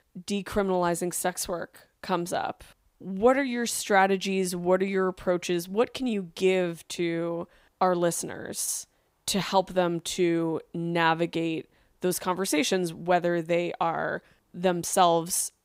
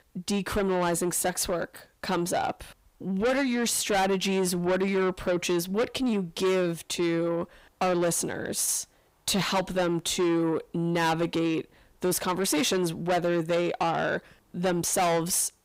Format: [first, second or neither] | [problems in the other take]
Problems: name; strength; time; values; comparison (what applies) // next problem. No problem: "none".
first | distortion; heavy; 6 dB below the speech